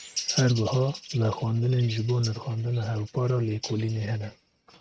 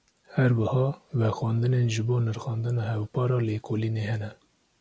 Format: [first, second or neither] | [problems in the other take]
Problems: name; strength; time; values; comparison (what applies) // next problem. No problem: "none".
second | noise reduction (neural mask model RNNoise)